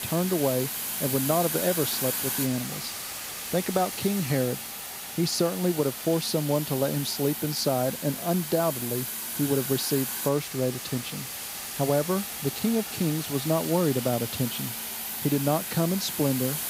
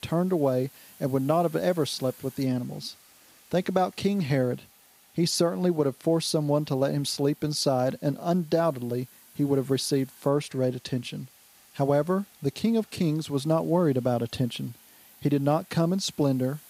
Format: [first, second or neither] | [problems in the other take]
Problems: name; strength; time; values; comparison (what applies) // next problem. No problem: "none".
second | hiss; loud; throughout; 4 dB below the speech; faint in the second